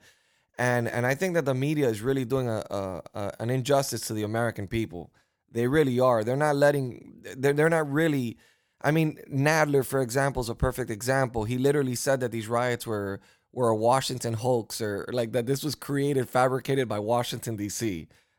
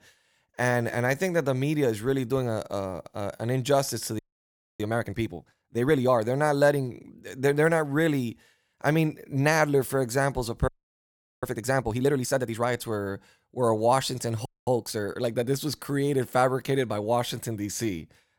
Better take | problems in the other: first | audio freezing; at 4 s for 0.5 s, at 11 s for 1 s and at 14 s

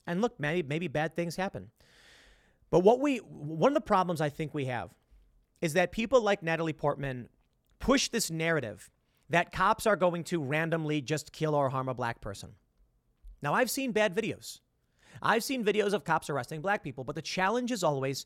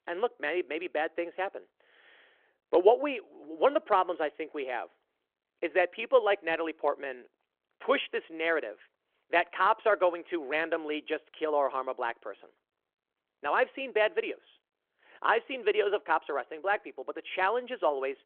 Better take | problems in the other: first | phone-call audio

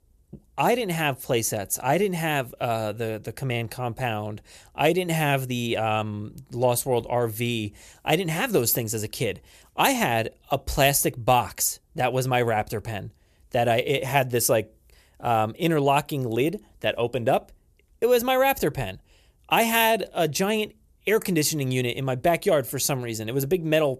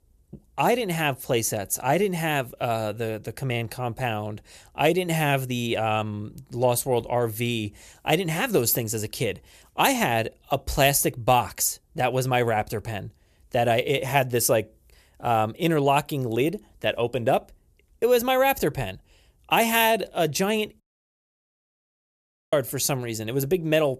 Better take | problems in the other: first | audio cutting out; at 21 s for 1.5 s

